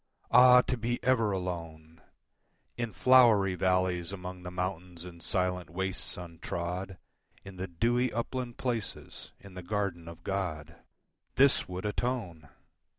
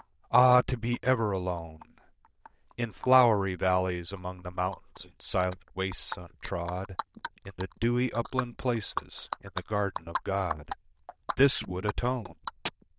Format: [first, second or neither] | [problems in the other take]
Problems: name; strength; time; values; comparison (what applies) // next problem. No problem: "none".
first | noise reduction (neural diffusion model UNIVERSE++)